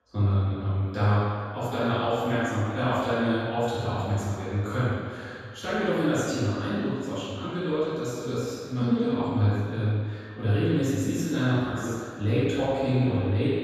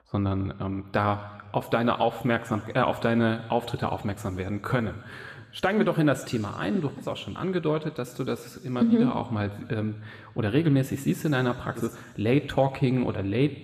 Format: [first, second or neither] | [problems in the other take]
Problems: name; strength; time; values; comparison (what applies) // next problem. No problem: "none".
second | room echo; strong; dies away in 1.8 s; slight in the second // off-mic speech; far